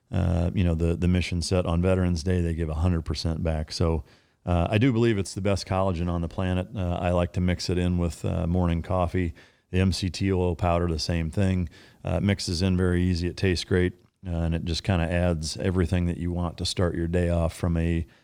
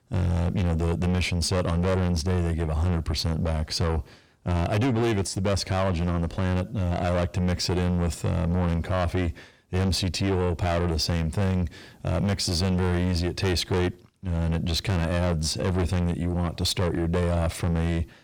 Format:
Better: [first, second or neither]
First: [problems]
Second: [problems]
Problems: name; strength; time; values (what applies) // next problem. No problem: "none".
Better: first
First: none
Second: distortion; heavy; 6 dB below the speech